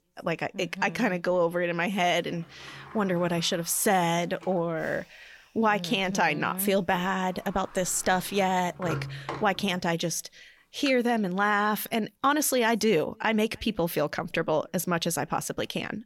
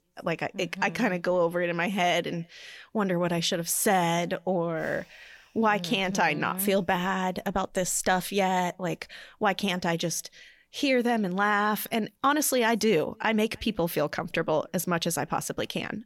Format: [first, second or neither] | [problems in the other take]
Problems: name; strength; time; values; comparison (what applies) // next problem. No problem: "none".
second | door banging; noticeable; from 2.5 to 11 s; peak 8 dB below the speech